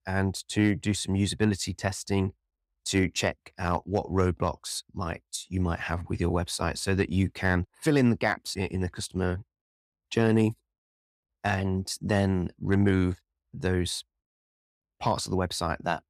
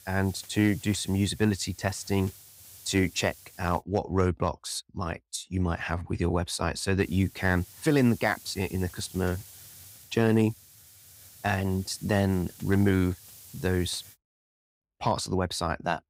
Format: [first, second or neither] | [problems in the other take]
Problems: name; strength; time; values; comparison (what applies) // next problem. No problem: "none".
first | hiss; noticeable; until 4 s and from 7 to 14 s; 20 dB below the speech